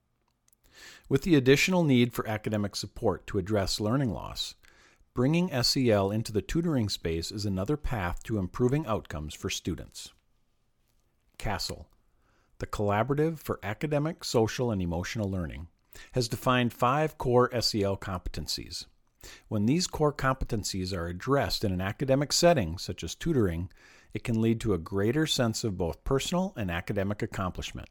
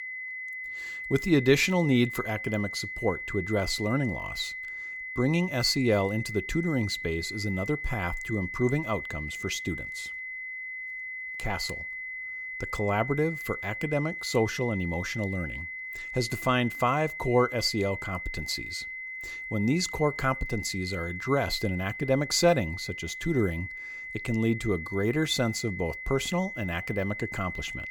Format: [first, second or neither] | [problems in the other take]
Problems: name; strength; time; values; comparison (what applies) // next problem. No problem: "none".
first | high-pitched whine; loud; throughout; 2 kHz, 7 dB below the speech